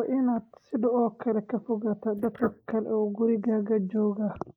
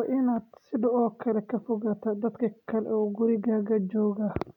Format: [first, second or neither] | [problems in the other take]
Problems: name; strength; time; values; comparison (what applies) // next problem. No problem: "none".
second | noise reduction (neural mask model Resemble Enhance denoiser)